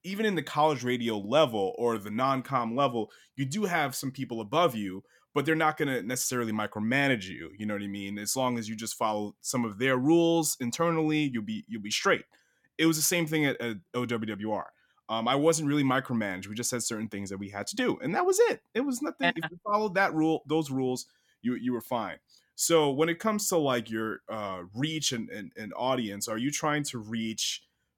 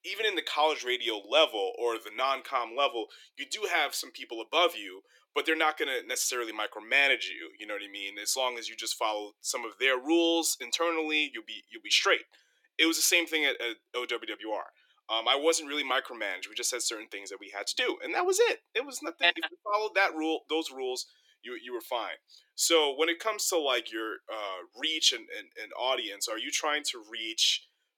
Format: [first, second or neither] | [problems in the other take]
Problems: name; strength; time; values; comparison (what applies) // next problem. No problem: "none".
first | thin; very; fading below 350 Hz